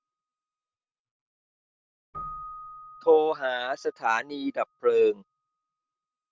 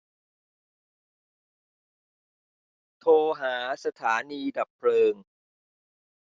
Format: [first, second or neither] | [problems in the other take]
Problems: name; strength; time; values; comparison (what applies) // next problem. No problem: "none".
second | background sound (Keyboard (musical)); 19 dB below the speech